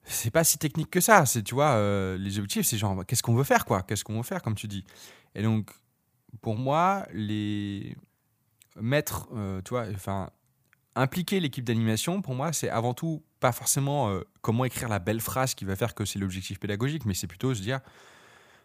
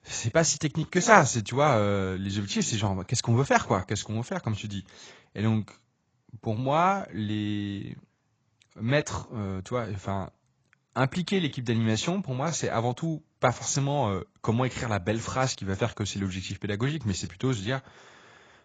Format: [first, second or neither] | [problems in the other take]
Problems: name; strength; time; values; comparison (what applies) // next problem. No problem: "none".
first | garbled, watery; badly; nothing above 7.5 kHz